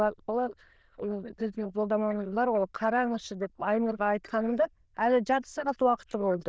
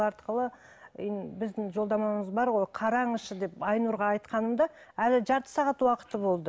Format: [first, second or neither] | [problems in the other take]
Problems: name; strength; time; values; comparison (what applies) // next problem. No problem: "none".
second | noise reduction (neural diffusion model UNIVERSE++)